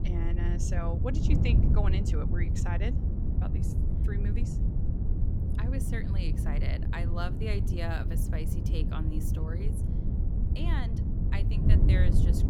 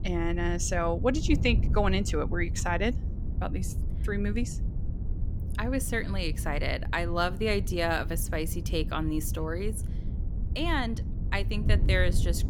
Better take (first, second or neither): second